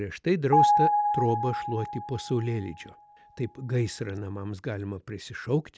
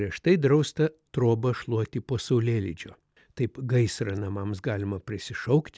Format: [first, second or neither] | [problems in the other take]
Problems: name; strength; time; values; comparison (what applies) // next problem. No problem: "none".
second | background sound (Piano); 2 dB above the speech